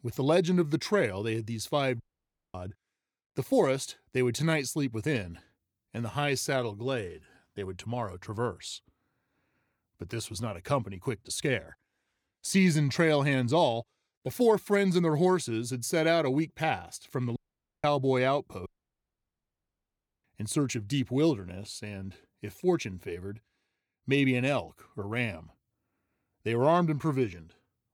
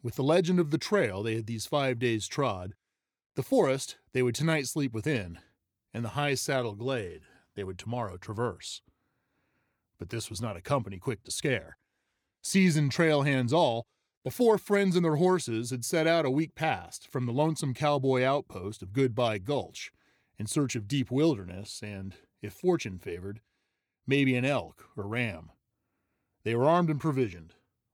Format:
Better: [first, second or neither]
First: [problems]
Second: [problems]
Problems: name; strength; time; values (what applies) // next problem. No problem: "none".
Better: second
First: audio cutting out; at 2 s for 0.5 s, at 17 s and at 19 s for 1.5 s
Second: none